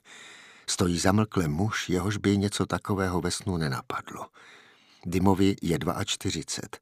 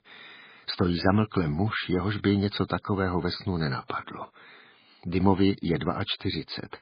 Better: first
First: none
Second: garbled, watery; badly; nothing above 4.5 kHz

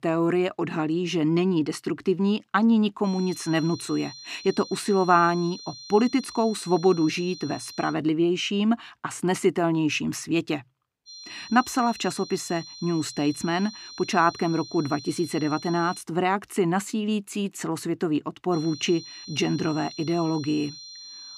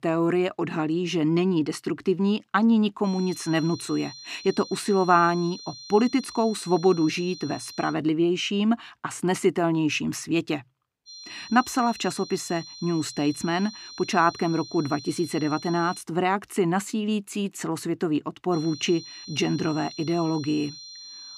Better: neither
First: high-pitched whine; noticeable; from 3 to 8 s, from 11 to 16 s and from 19 s on; 4 kHz, 15 dB below the speech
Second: high-pitched whine; noticeable; from 3 to 8 s, from 11 to 16 s and from 19 s on; 4 kHz, 15 dB below the speech

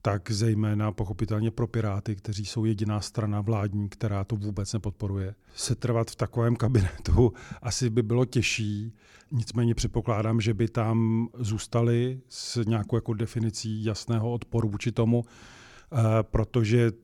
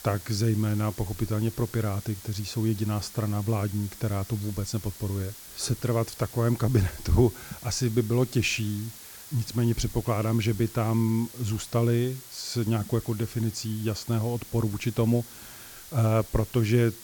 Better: first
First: none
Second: hiss; noticeable; throughout; 15 dB below the speech

